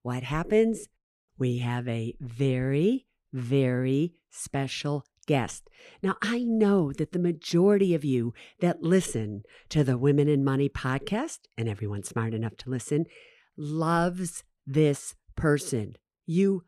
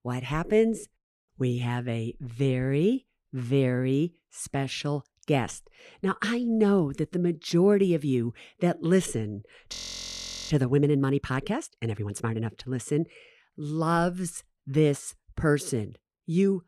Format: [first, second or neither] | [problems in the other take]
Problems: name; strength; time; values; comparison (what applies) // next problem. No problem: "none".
first | audio freezing; at 9.5 s for 1 s